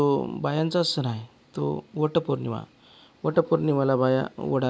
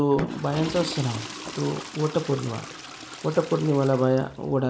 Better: first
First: none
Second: background sound (Toilet flush / Water); 12 dB below the speech // room echo; dies away in 1.8 s

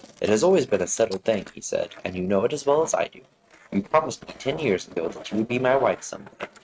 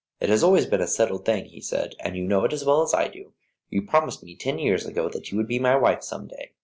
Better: second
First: noise reduction (neural mask model RNNoise)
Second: none

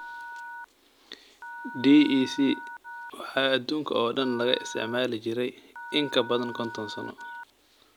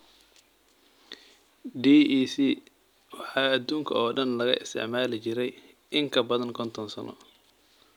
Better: second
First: background sound (Telephone); 14 dB below the speech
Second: none

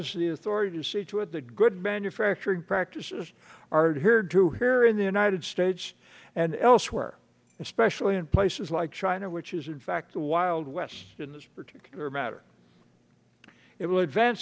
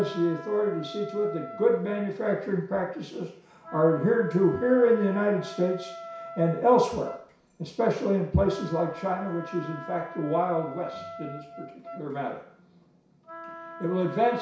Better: first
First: none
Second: background sound (Wind instrument, woodwind instrument); 15 dB below the speech // room echo; dies away in 0.6 s

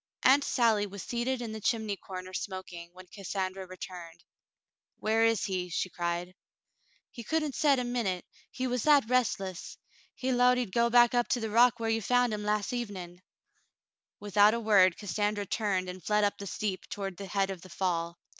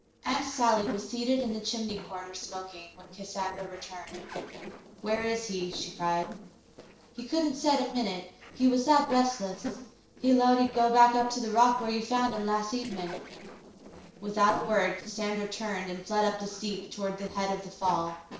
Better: first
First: none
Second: noise reduction (neural separator model SepFormer DNS4)

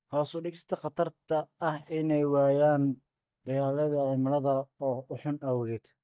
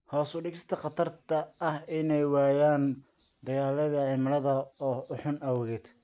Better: second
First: noise reduction (neural mask model DeepFilterNet 3)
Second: none

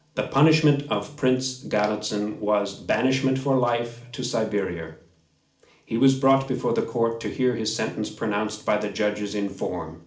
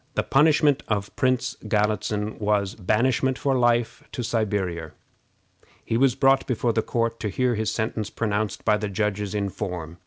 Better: second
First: room echo; dies away in 0.4 s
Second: none

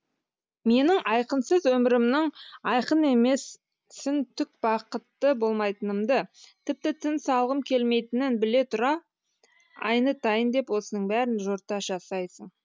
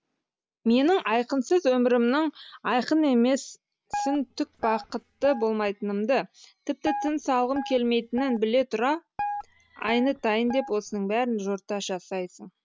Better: first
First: none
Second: background sound (Guitar); 10 dB below the speech

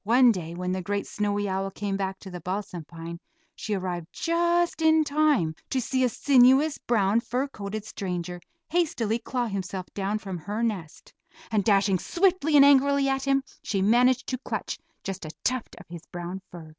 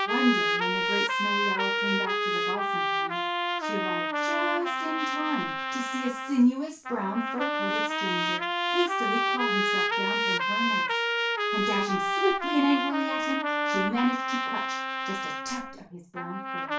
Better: first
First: none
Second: background sound (Trumpet); 3 dB above the speech // room echo; dies away in 0.2 s

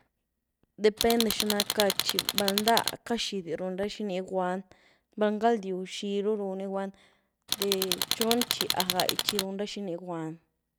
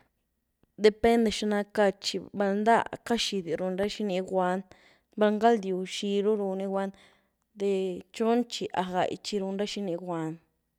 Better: second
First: background sound (Tools); as loud as the speech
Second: none

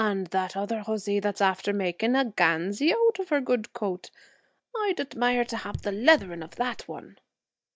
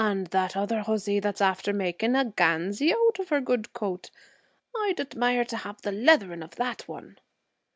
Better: second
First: noise reduction (neural mask model DeepFilterNet 3)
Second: none

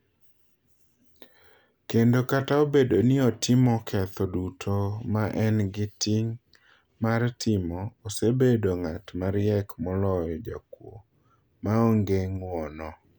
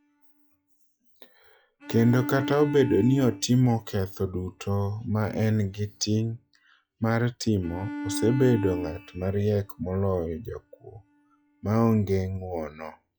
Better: first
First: none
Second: noise reduction (classical method log-MMSE)

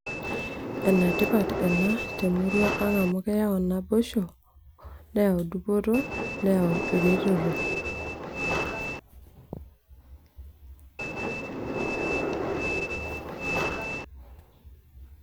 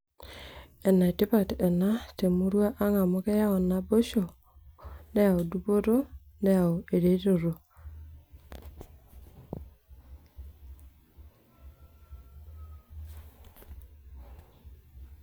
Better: second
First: background sound (Train); 1 dB below the speech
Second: none

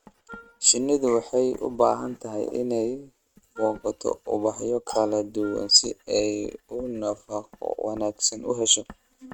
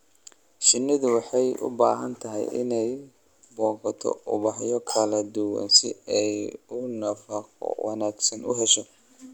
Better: second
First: noise reduction (neural mask model RNNoise)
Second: none

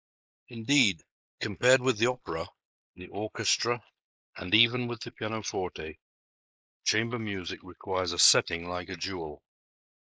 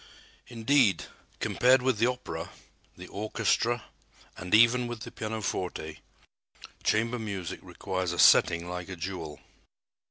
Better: second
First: noise reduction (neural mask model Resemble Enhance denoiser)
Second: none

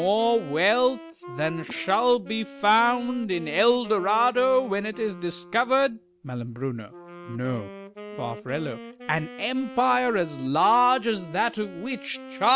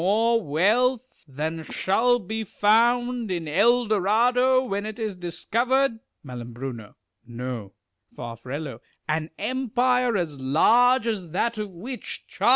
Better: second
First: background sound (Wind instrument, woodwind instrument); 17 dB below the speech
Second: none

